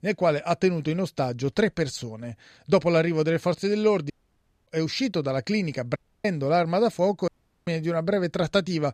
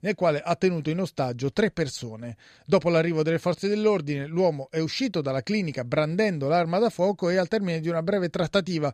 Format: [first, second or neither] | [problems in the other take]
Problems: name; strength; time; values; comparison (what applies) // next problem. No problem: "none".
second | audio cutting out; at 4 s for 0.5 s, at 6 s and at 7.5 s